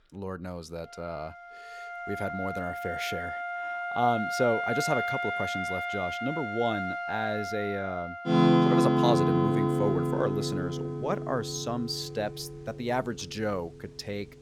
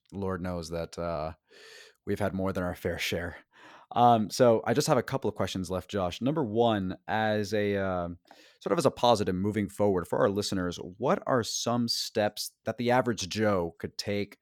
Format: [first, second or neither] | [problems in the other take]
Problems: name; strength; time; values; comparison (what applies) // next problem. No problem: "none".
second | background music; very loud; throughout; 3 dB above the speech